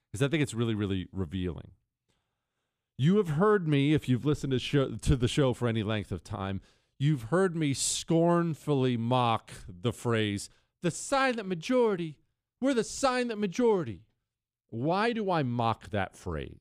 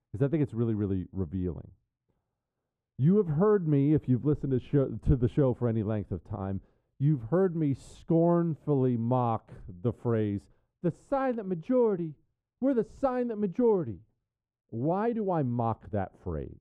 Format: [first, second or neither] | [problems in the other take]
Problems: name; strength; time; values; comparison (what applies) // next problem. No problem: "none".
first | muffled; very; fading above 2 kHz